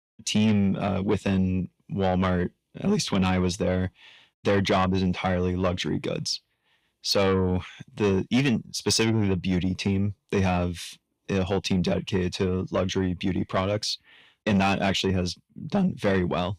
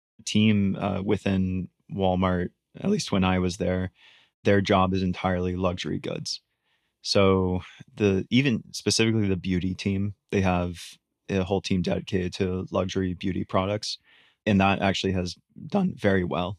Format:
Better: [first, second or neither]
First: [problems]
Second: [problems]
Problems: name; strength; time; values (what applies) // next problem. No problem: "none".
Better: second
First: distortion; slight; 10 dB below the speech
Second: none